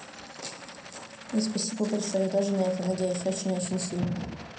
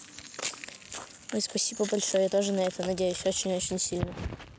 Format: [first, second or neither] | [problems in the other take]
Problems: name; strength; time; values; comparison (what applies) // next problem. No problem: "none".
second | background sound (Rattle); 16 dB below the speech // room echo; dies away in 0.6 s